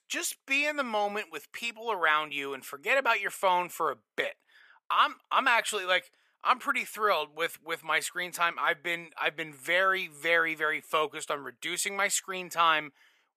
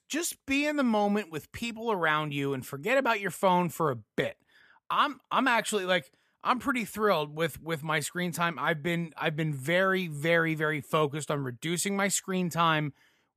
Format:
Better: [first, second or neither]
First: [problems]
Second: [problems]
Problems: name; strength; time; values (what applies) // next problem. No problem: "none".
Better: second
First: thin; very; fading below 500 Hz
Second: none